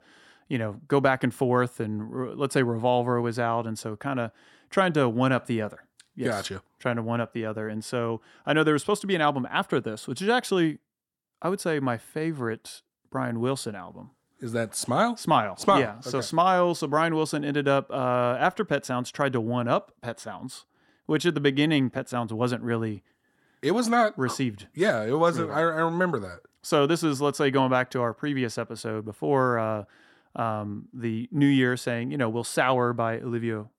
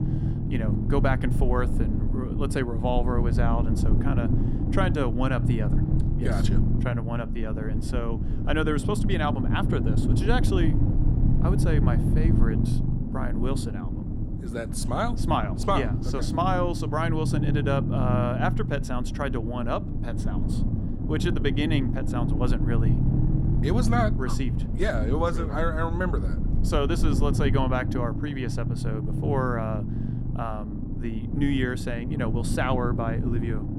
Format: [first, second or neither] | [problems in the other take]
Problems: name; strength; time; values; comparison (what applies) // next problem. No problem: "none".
first | low rumble; loud; throughout; 6 dB below the speech